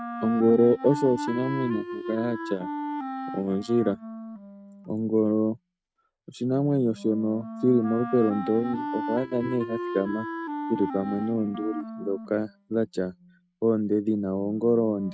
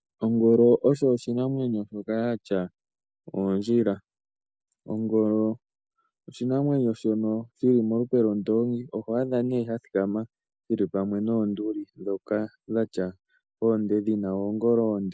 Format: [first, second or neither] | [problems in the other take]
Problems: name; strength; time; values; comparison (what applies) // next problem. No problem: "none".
second | noise reduction (neural mask model RNNoise)